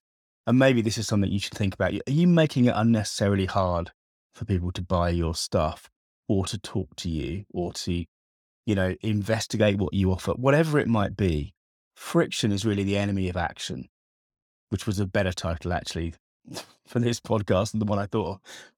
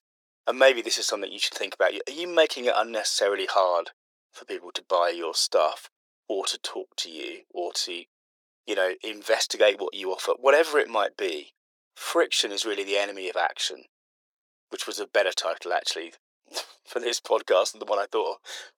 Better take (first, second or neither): first